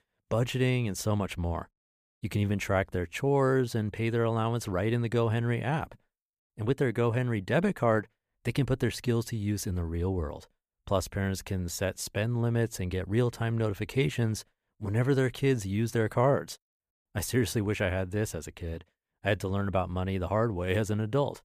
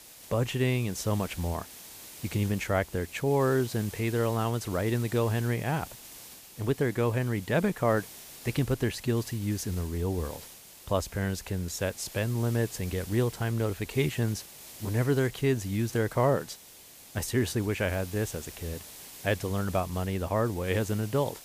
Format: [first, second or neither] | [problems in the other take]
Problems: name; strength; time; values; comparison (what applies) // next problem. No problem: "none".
first | hiss; noticeable; throughout; 15 dB below the speech